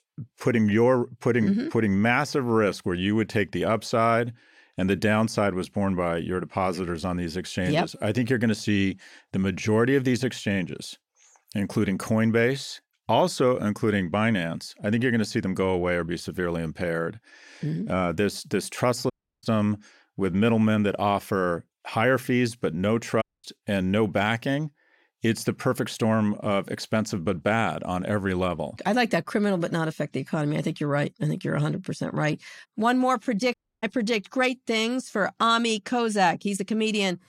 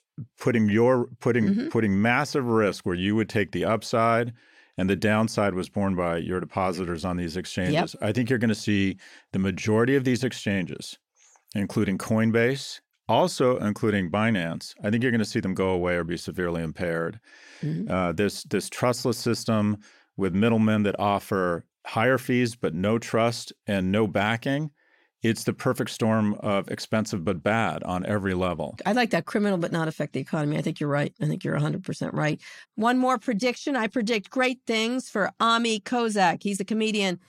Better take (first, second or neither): second